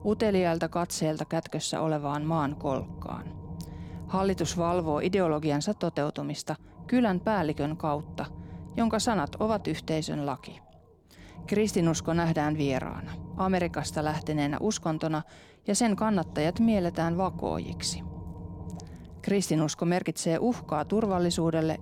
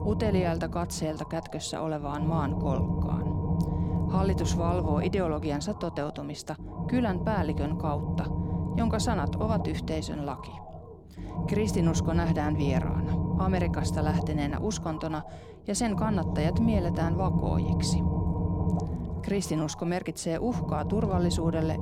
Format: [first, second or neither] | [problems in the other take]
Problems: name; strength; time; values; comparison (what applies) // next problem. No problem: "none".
first | low rumble; loud; throughout; 6 dB below the speech; faint in the first